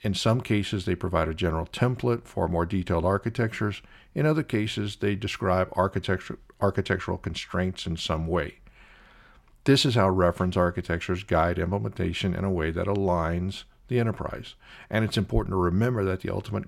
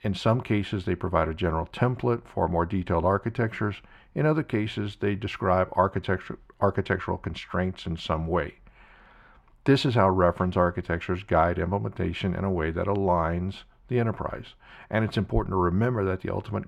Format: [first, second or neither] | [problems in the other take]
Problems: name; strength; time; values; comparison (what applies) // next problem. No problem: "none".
first | muffled; slightly; fading above 4 kHz